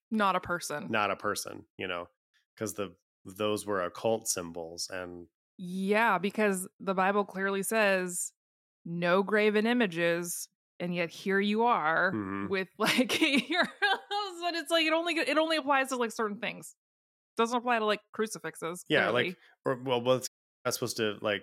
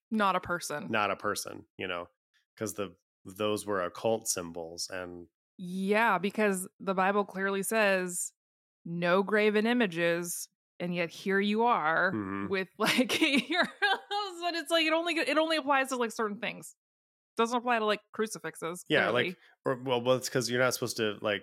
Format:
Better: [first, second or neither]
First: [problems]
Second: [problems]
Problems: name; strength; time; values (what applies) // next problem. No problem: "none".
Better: second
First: audio cutting out; at 20 s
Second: none